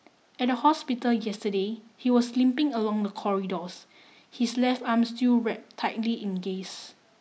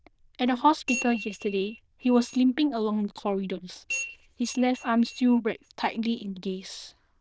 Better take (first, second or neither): first